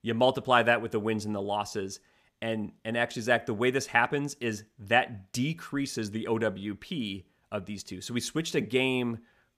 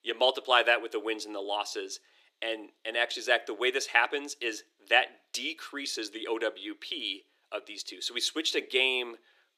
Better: first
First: none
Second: thin; very; fading below 300 Hz

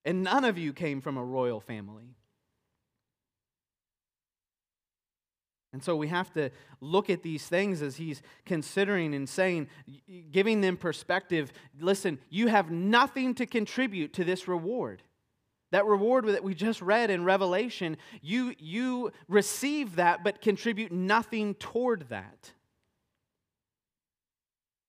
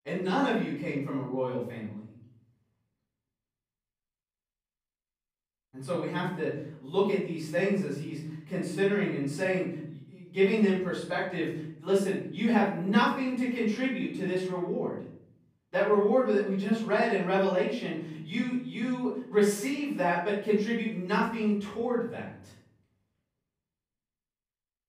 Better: first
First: none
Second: off-mic speech; far // room echo; noticeable; dies away in 0.7 s

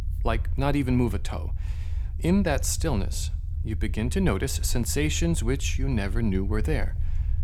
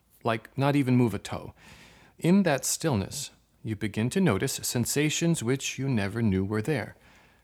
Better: second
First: low rumble; noticeable; throughout; 20 dB below the speech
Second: none

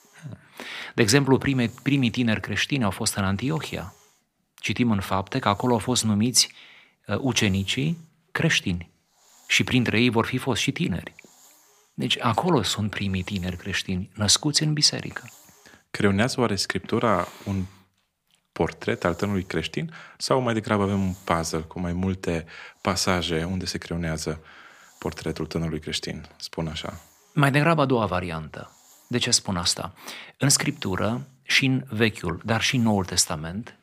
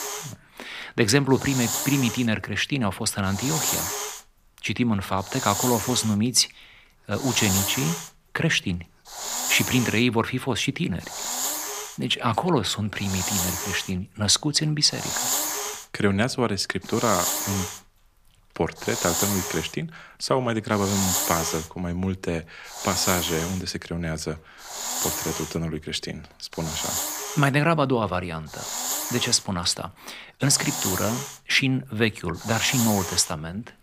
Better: first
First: hiss; faint; throughout; 30 dB below the speech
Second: hiss; loud; throughout; 3 dB below the speech

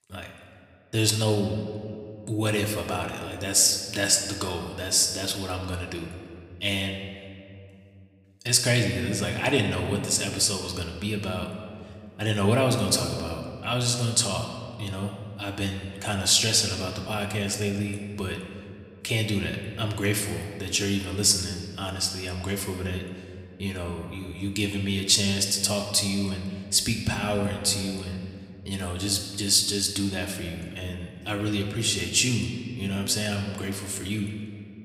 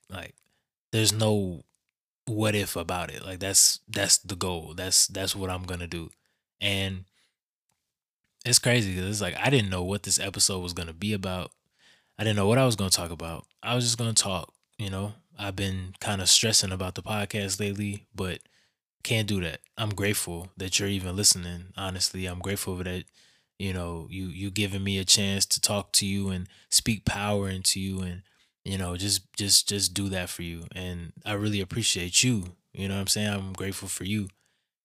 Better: second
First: room echo; slight; dies away in 1.9 s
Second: none

